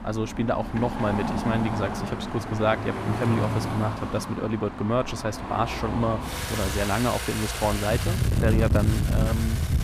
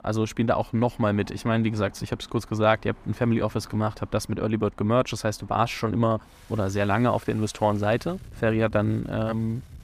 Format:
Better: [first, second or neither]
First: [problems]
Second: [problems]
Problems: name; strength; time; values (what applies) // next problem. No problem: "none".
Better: second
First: traffic noise; loud; throughout; 1 dB below the speech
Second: traffic noise; faint; throughout; 25 dB below the speech